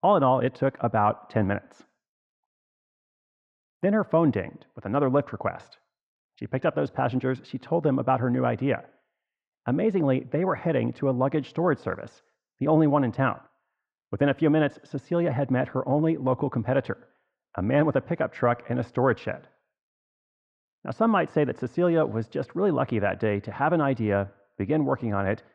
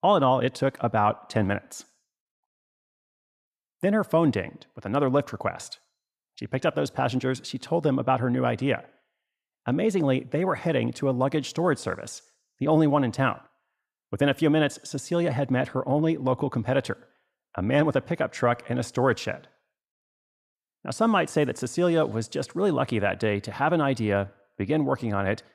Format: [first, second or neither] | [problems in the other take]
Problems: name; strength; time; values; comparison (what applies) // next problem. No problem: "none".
second | muffled; very; fading above 2 kHz